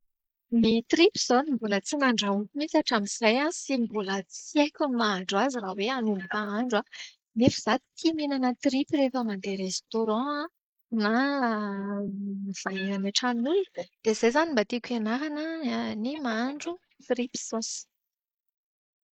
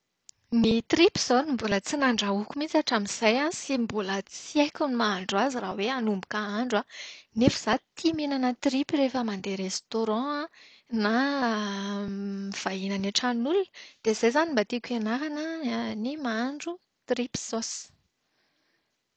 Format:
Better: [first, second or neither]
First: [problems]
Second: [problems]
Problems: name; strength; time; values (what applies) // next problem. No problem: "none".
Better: second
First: noise reduction (neural mask model Resemble Enhance denoiser)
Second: none